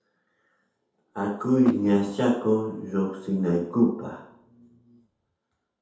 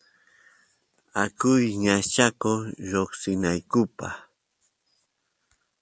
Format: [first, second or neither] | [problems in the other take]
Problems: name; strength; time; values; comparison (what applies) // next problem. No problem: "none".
second | background sound (Door / Car); 19 dB below the speech // room echo; dies away in 0.8 s